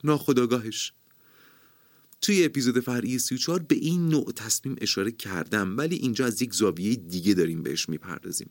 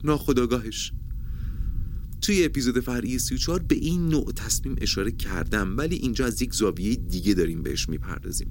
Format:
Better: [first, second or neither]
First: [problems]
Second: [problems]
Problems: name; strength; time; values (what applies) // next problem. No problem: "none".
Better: first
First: none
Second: low rumble; faint; throughout; 25 dB below the speech